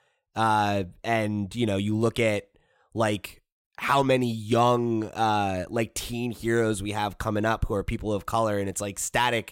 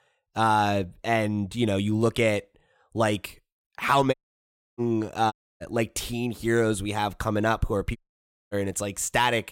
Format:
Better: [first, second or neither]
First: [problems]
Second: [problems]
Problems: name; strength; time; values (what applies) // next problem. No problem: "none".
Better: first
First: none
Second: audio cutting out; at 4 s for 0.5 s, at 5.5 s and at 8 s for 0.5 s